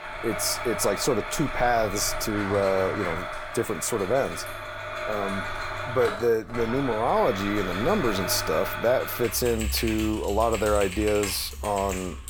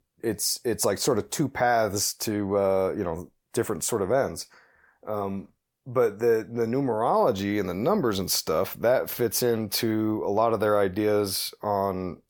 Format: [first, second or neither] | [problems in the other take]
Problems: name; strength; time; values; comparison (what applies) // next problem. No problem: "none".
second | household noises; loud; throughout; 6 dB below the speech